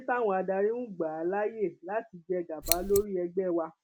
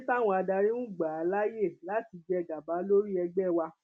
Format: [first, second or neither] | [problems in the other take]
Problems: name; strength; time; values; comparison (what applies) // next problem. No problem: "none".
second | background sound (Scissors); 1 dB below the speech